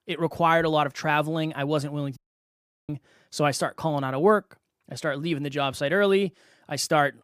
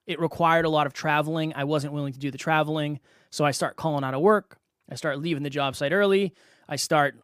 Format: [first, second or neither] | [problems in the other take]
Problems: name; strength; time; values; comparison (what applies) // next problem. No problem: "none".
second | audio cutting out; at 2 s for 0.5 s